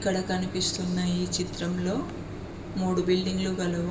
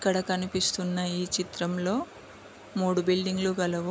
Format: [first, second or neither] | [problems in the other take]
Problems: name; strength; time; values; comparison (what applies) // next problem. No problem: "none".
second | background sound (Mechanisms); 10 dB below the speech // room echo; dies away in 2.7 s